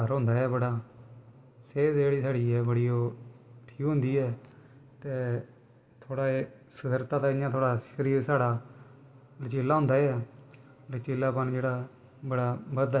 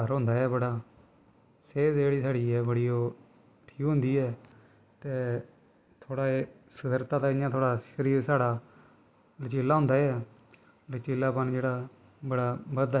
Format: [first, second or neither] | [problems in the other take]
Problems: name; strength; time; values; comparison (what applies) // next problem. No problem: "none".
second | room echo; dies away in 2.1 s